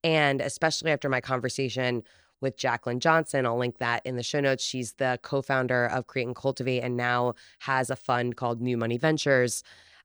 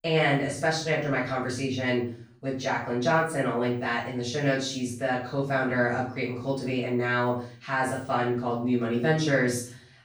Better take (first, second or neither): first